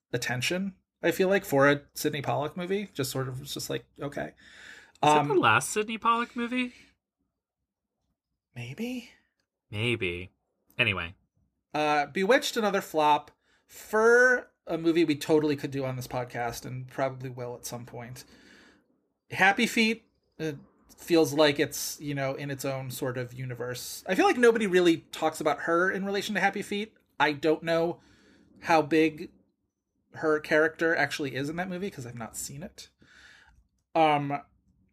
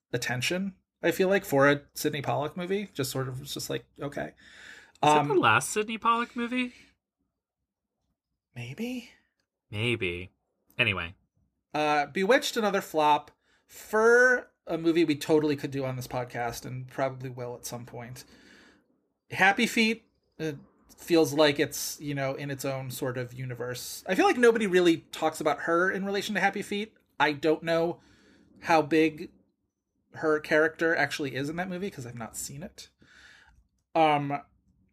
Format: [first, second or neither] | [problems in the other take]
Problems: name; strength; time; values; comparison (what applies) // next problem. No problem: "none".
neither | none